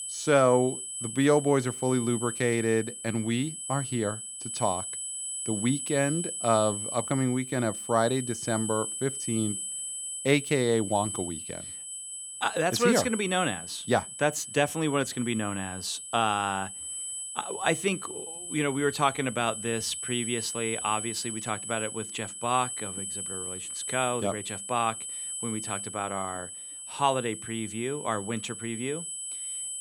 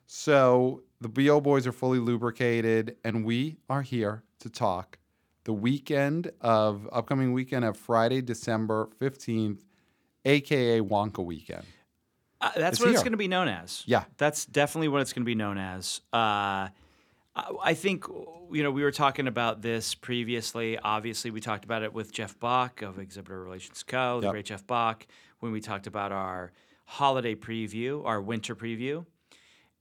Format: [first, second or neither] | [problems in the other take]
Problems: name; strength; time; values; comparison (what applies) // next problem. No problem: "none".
second | high-pitched whine; loud; throughout; 8 kHz, 6 dB below the speech